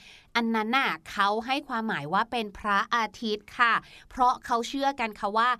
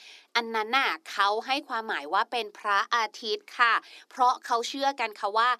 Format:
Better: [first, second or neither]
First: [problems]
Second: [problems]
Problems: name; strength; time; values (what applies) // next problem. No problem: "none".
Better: first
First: none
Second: thin; somewhat; fading below 300 Hz